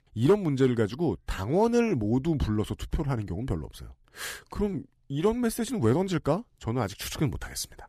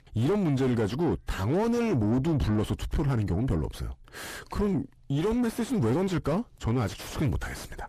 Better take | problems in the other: first | distortion; heavy; 6 dB below the speech

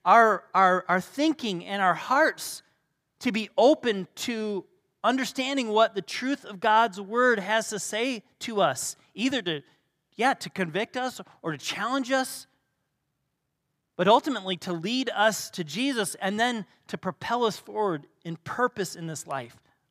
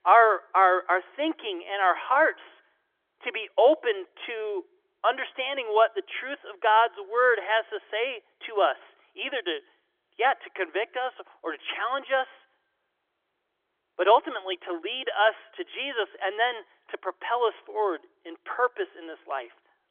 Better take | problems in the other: first | phone-call audio; nothing above 3.5 kHz

